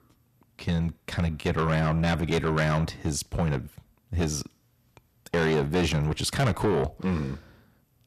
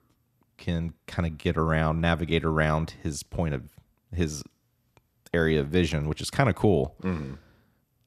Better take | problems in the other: second | distortion; heavy; 5 dB below the speech

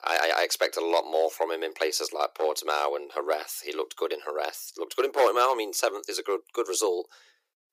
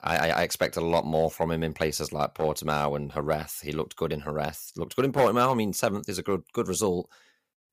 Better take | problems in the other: second | thin; very; fading below 350 Hz

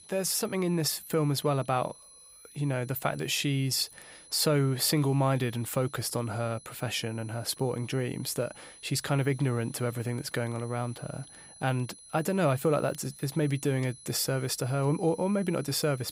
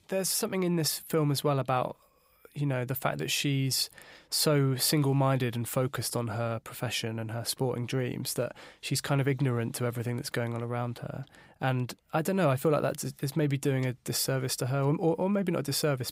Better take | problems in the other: second | high-pitched whine; noticeable; throughout; 10 kHz, 20 dB below the speech

